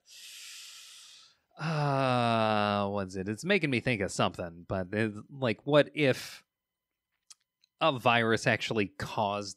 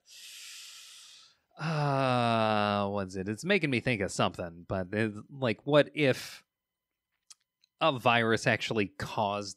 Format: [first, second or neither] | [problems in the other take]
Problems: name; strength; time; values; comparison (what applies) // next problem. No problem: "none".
neither | none